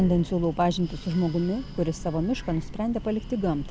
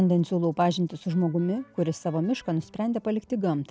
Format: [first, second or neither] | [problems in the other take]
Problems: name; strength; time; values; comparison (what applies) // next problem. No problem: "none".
second | background sound (Breathing); 11 dB below the speech